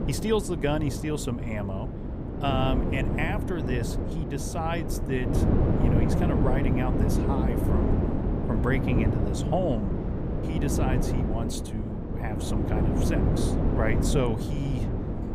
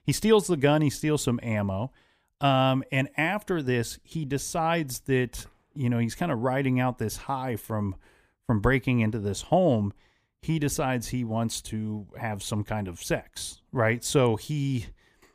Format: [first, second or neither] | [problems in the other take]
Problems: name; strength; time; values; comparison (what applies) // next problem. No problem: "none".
second | wind noise on the microphone; heavy; 1 dB below the speech